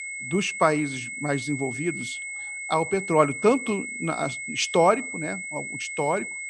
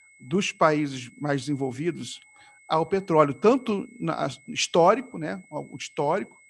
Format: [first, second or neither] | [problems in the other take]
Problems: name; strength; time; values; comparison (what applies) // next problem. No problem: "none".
second | high-pitched whine; loud; throughout; 2 kHz, 6 dB below the speech; faint in the second